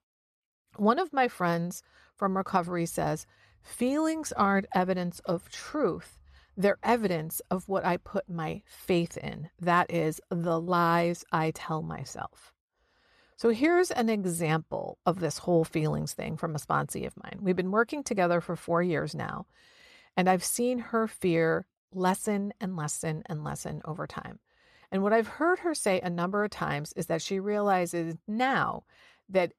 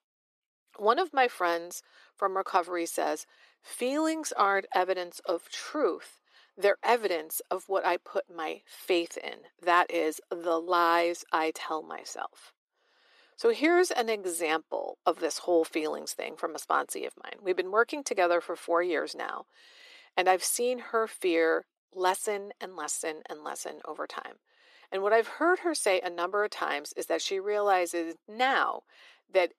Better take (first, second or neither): first